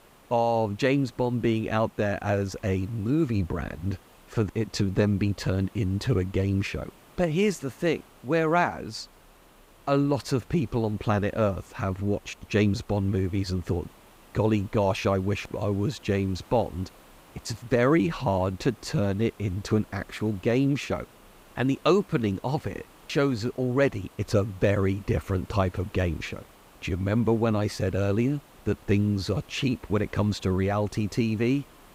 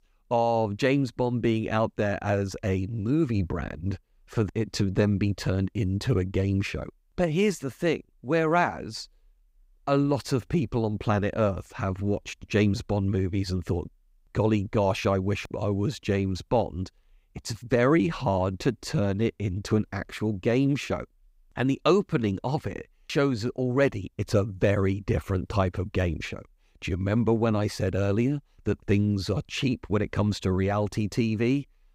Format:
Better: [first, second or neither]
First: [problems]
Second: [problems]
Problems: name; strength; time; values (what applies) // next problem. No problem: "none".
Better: second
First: hiss; faint; throughout; 25 dB below the speech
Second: none